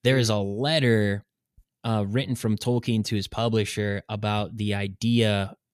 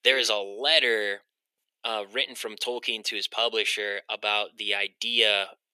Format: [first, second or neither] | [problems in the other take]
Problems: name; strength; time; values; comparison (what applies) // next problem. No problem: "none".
first | thin; very; fading below 400 Hz